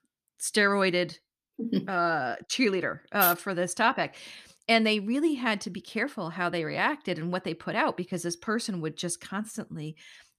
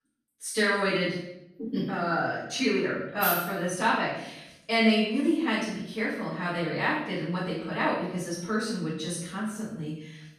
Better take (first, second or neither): first